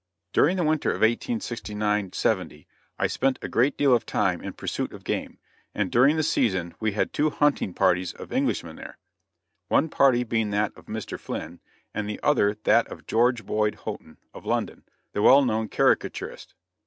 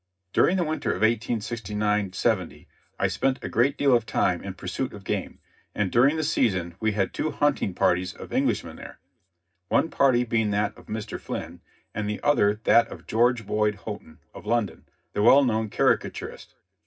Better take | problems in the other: first | room echo; dies away in 0.4 s

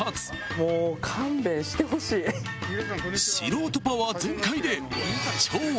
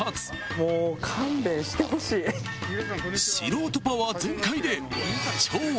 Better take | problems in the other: first | background sound (Zipper (clothing)); 18 dB below the speech

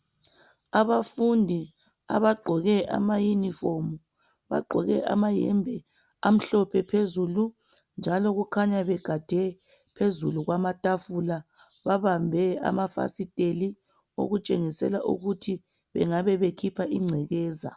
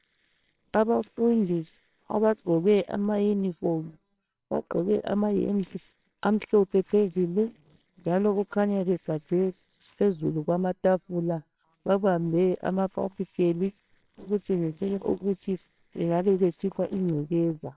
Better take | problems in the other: first | noise reduction (neural separator model SepFormer WHAMR!)

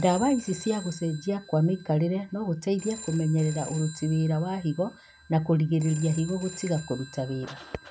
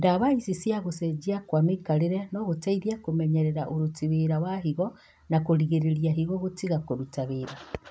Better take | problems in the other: second | background sound (Telephone); 17 dB below the speech

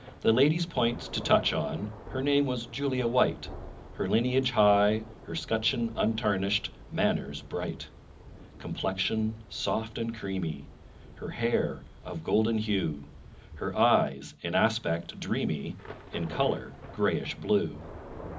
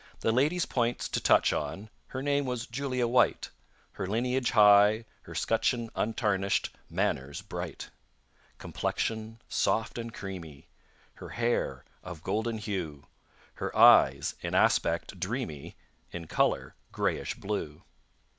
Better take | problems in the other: second | background sound (Thunder / Rain); 16 dB below the speech // room echo; dies away in 0.4 s

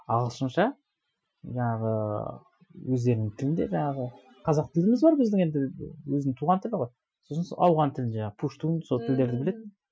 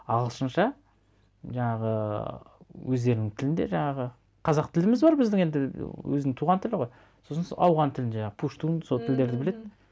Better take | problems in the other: second | noise reduction (classical method Wiener filter)

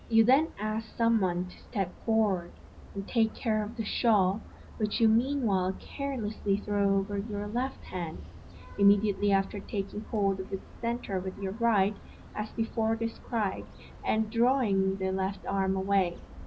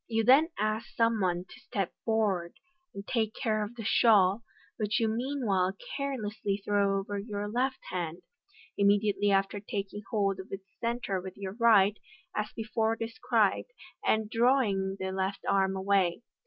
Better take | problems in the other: second | background sound (Vehicle horn, car horn, honking); 17 dB below the speech // room echo; dies away in 0.5 s

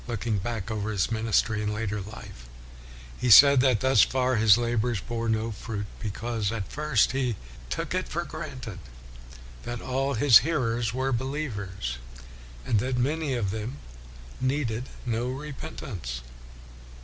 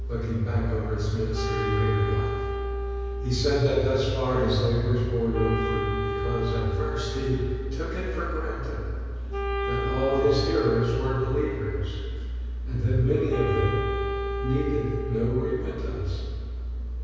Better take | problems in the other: first | background sound (Wind instrument, woodwind instrument); 8 dB below the speech // room echo; dies away in 2.2 s

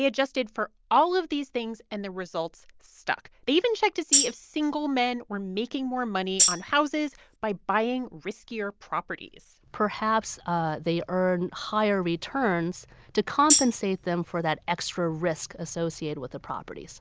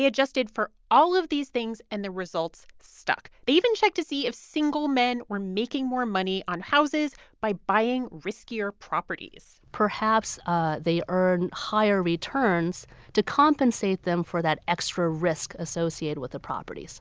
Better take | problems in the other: second | background sound (Tambourine); 2 dB above the speech

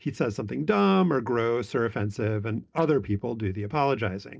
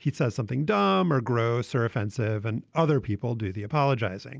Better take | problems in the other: second | noise reduction (neural separator model SepFormer DNS4)

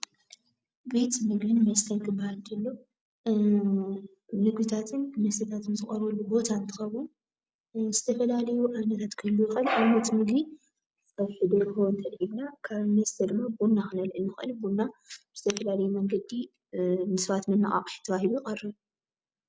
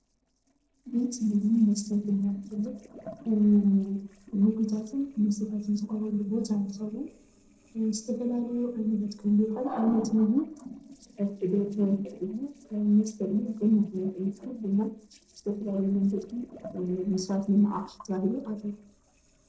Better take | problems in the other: first | noise reduction (neural separator model SepFormer DNS4)

